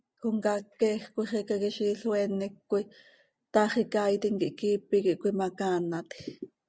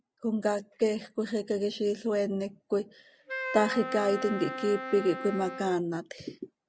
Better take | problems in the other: first | background sound (Wind instrument, woodwind instrument); 8 dB below the speech

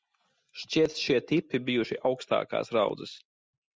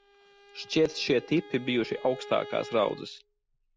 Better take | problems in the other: first | background sound (Bowed string instrument); 17 dB below the speech

